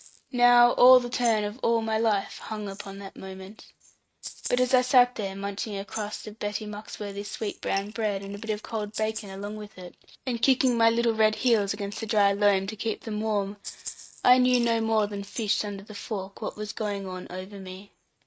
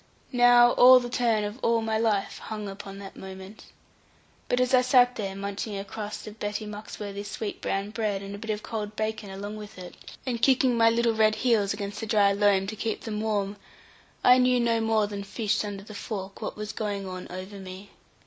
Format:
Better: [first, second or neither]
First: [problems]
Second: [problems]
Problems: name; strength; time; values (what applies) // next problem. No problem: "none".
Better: second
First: noise reduction (neural mask model RNNoise)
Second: none